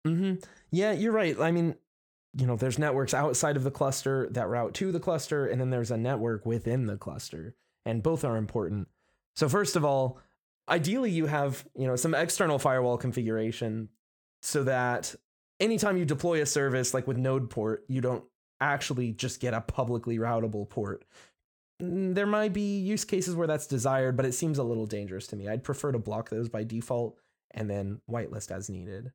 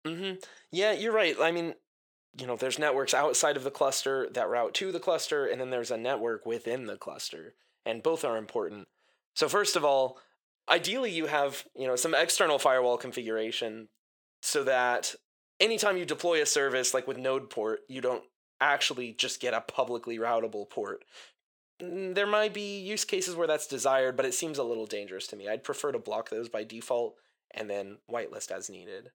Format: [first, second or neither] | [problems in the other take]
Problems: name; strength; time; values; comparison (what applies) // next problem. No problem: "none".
first | thin; very; fading below 500 Hz